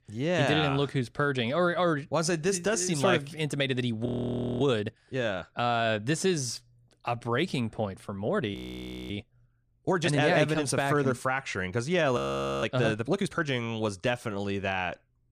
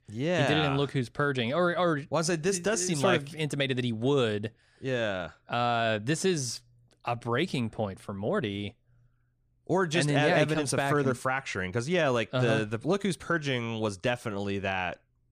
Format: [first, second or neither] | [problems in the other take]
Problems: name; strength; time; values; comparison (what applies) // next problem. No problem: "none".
second | audio freezing; at 4 s for 0.5 s, at 8.5 s for 0.5 s and at 12 s